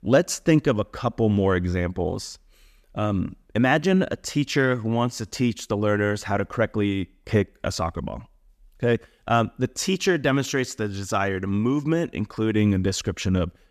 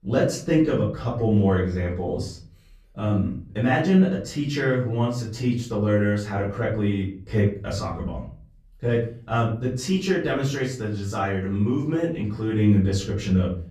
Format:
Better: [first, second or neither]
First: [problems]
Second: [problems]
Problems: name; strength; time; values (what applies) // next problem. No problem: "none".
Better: first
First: none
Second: off-mic speech; far // room echo; slight; dies away in 0.5 s